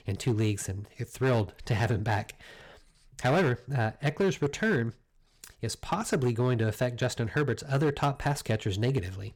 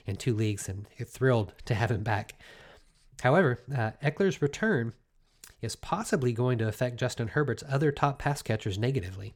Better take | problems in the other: second | distortion; slight; 6% of the sound clipped

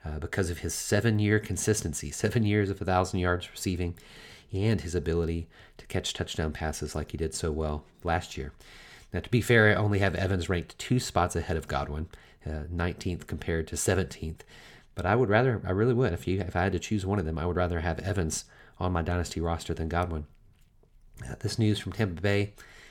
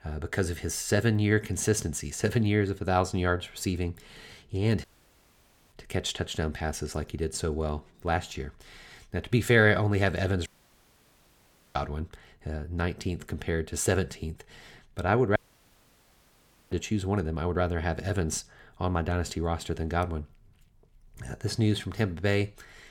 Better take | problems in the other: first | audio cutting out; at 5 s for 1 s, at 10 s for 1.5 s and at 15 s for 1.5 s

